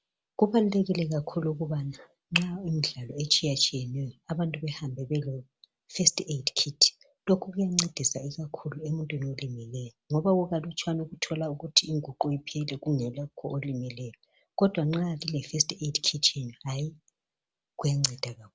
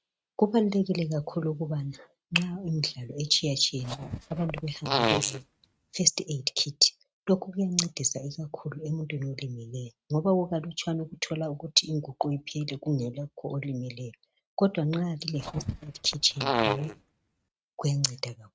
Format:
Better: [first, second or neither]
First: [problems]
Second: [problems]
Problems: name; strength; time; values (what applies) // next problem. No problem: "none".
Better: first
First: none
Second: noise reduction (neural mask model RNNoise)